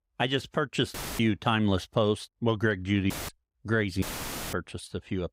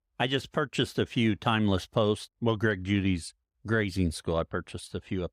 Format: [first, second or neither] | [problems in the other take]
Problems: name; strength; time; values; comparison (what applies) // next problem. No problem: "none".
second | audio cutting out; filled with static; at 1 s, at 3 s and at 4 s for 0.5 s